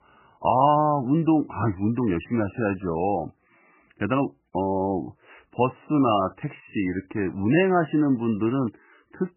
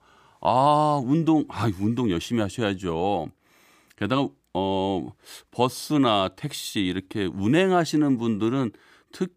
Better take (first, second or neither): second